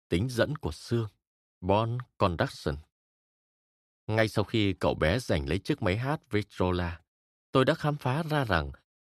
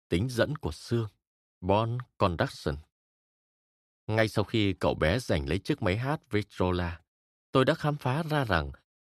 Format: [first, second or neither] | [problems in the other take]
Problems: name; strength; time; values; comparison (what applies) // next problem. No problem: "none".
neither | none